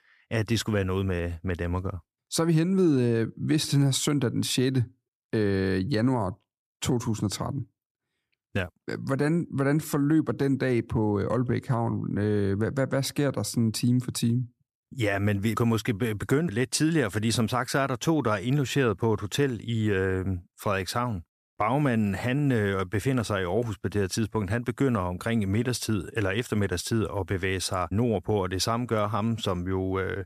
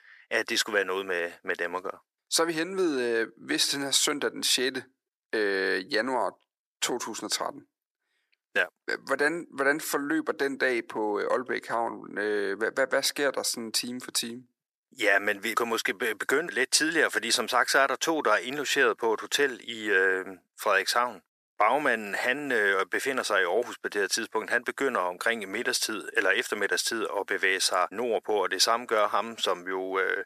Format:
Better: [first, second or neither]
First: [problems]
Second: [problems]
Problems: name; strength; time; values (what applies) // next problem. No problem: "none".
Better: first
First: none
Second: thin; very; fading below 450 Hz